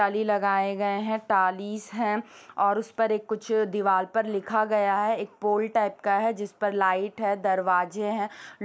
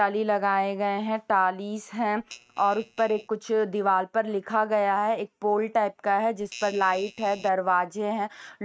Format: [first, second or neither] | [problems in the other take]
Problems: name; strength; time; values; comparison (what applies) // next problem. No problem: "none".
first | noise reduction (neural mask model RNNoise)